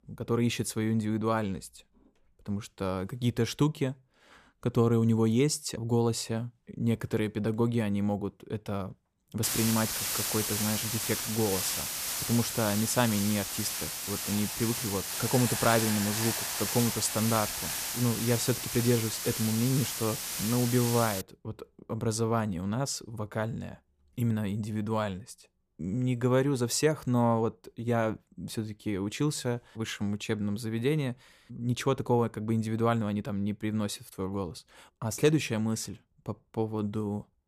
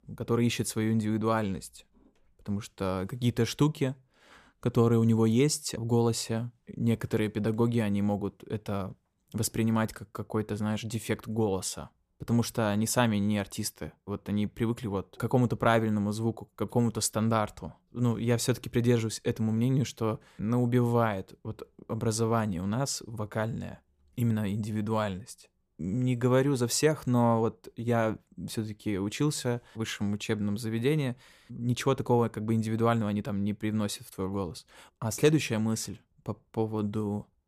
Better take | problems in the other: second | hiss; loud; from 9.5 to 21 s; 1 dB below the speech

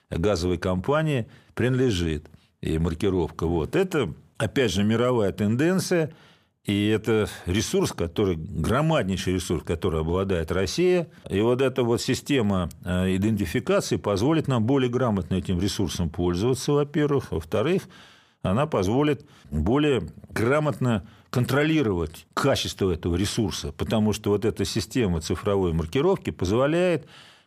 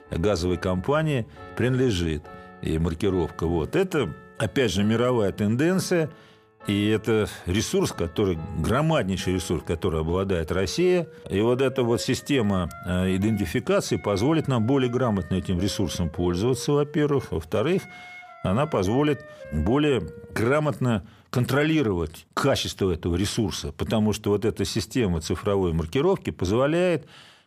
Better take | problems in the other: first | background music; faint; until 20 s; 20 dB below the speech

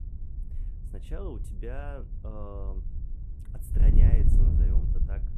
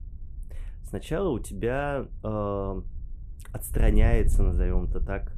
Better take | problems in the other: second | wind noise on the microphone; heavy; 2 dB above the speech; occasional gusts in the second

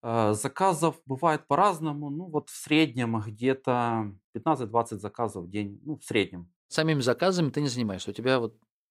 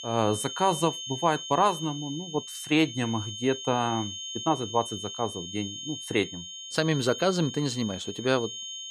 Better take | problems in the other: first | high-pitched whine; loud; throughout; 3 kHz, 8 dB below the speech

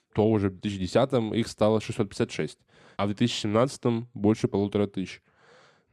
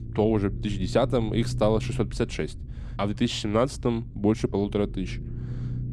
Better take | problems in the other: first | low rumble; noticeable; throughout; 20 dB below the speech

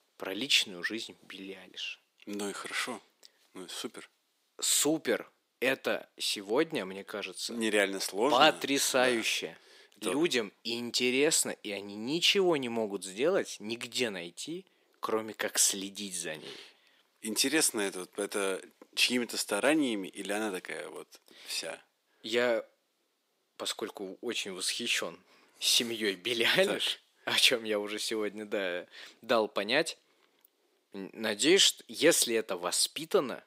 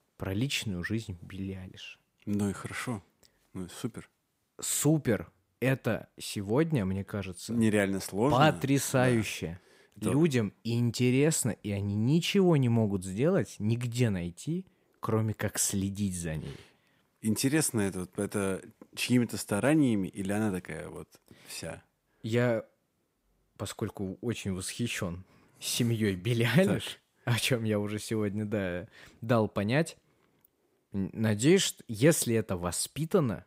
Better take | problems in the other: second | thin; somewhat; fading below 300 Hz

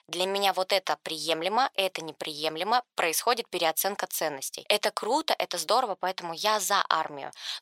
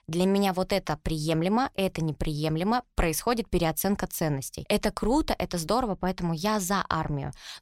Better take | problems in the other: second | thin; very; fading below 650 Hz

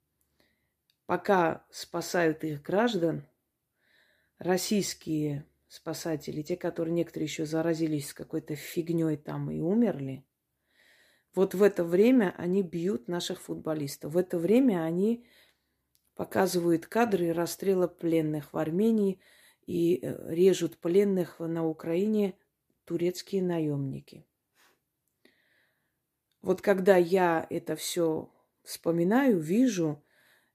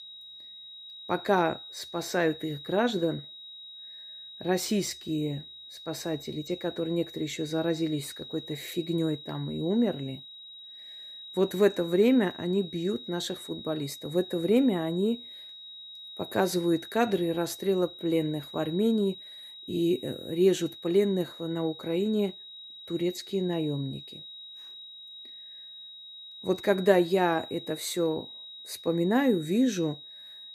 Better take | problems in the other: first | high-pitched whine; noticeable; throughout; 4 kHz, 15 dB below the speech

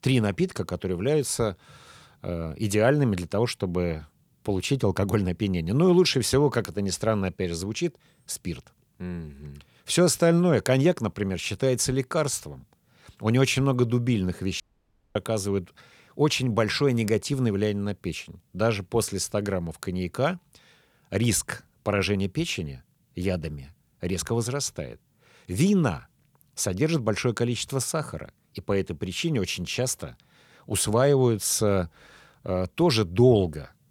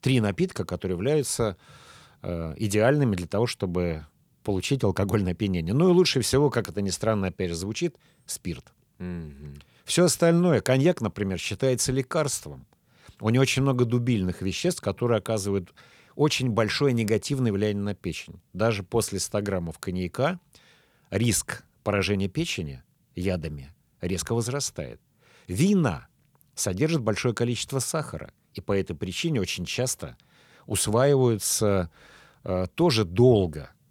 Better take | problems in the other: second | audio cutting out; at 15 s for 0.5 s

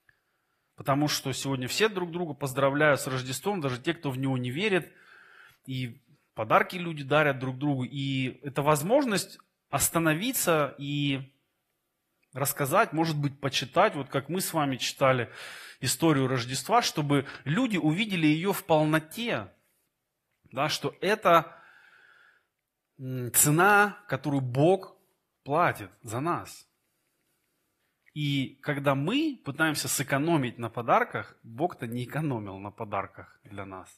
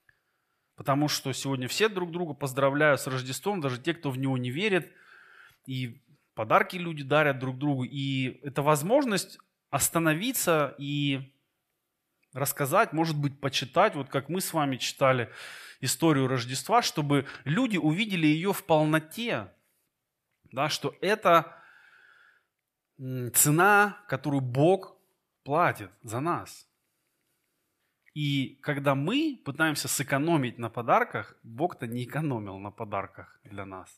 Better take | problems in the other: second | garbled, watery; slightly; nothing above 14.5 kHz

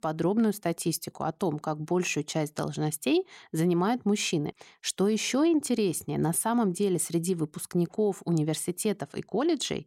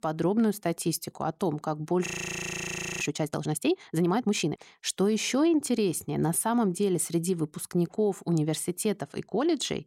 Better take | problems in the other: first | audio freezing; at 2 s for 1 s

